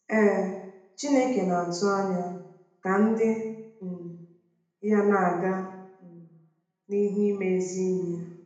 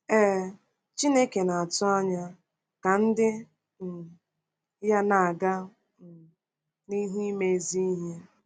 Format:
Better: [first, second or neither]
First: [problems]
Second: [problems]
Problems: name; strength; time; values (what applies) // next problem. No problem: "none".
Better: second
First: room echo; dies away in 0.8 s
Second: none